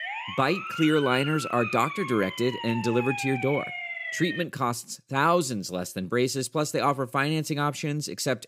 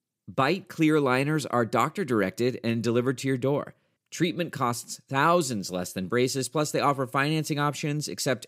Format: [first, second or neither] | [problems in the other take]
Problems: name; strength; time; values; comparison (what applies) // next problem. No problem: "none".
second | siren; noticeable; until 4.5 s; peak 4 dB below the speech